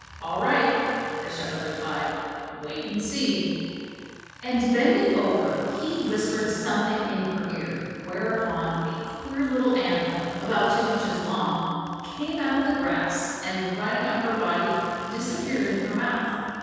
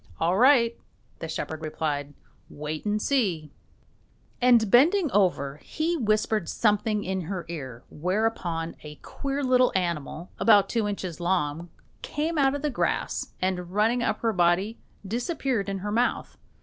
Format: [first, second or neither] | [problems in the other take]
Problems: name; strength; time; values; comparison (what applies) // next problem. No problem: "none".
second | background sound (Tools); 18 dB below the speech // room echo; dies away in 2.1 s